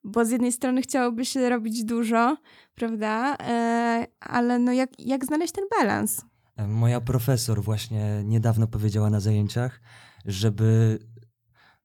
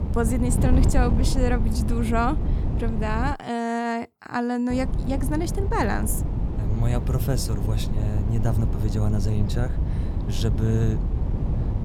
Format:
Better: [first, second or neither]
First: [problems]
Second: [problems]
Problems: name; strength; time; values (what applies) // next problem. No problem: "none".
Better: first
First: none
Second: wind noise on the microphone; heavy; until 3.5 s and from 4.5 s on; 8 dB below the speech